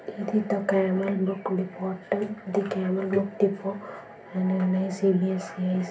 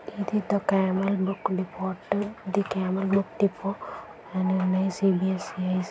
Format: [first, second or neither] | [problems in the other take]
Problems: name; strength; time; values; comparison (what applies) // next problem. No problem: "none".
second | room echo; dies away in 0.3 s